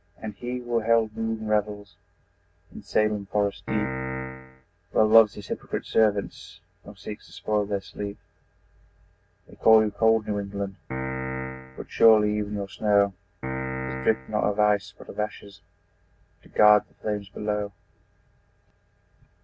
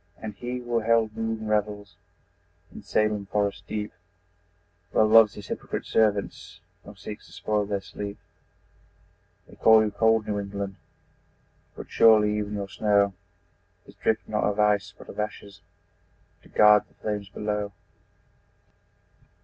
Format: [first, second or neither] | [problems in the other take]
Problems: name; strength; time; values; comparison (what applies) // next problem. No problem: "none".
second | background sound (Piano); 5 dB below the speech